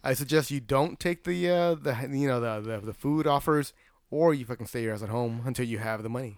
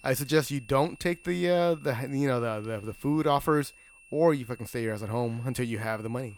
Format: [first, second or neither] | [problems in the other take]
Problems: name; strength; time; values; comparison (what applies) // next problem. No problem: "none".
first | high-pitched whine; faint; throughout; 2.5 kHz, 25 dB below the speech